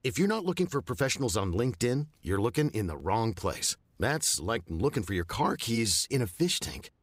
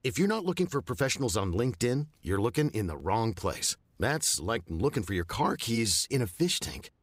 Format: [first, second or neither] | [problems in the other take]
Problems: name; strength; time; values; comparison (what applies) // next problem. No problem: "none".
neither | none